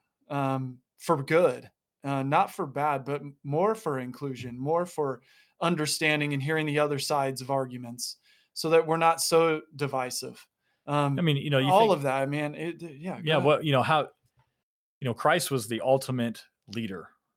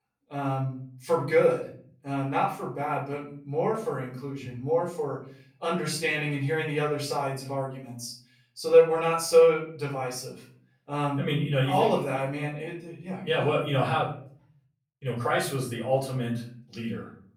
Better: first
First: none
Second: off-mic speech; far // room echo; slight; dies away in 0.5 s

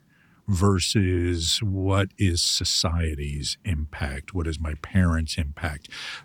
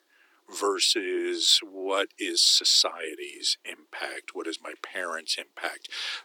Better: first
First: none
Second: thin; very; fading below 350 Hz

